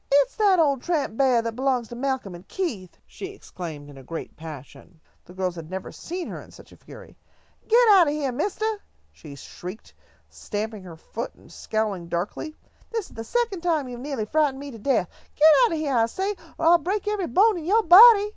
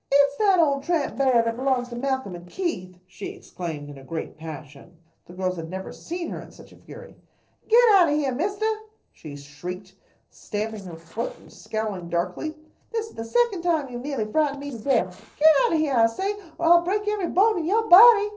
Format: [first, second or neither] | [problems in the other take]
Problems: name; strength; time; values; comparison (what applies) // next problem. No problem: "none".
first | noise reduction (neural separator model SepFormer DNS4)